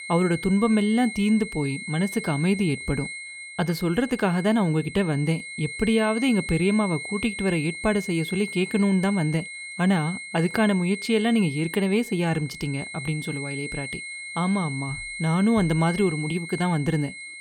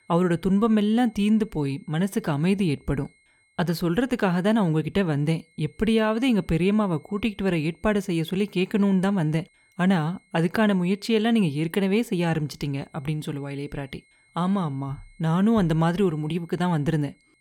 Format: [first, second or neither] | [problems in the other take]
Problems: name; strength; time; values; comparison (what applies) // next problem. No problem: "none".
second | high-pitched whine; loud; throughout; 2 kHz, 9 dB below the speech; faint in the second